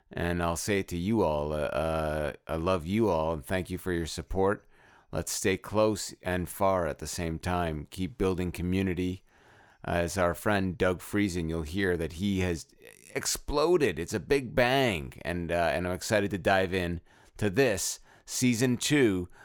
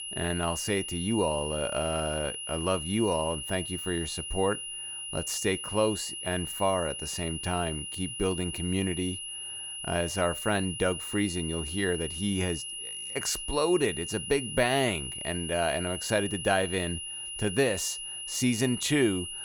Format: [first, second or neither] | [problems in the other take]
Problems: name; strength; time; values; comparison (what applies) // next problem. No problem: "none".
first | high-pitched whine; loud; throughout; 3 kHz, 5 dB below the speech